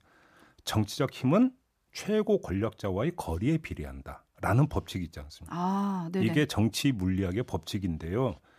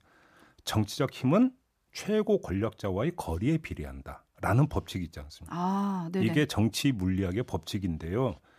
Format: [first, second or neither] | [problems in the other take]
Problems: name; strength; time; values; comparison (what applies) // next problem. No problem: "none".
neither | none